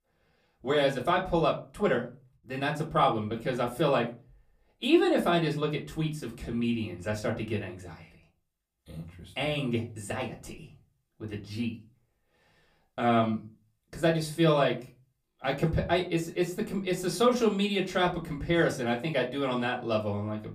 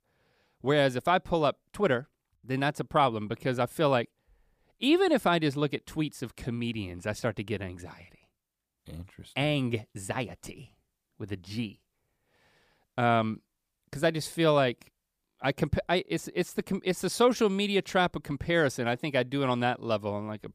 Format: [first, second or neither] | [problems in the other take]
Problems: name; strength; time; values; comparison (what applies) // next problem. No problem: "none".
second | off-mic speech; far // room echo; very slight; dies away in 0.3 s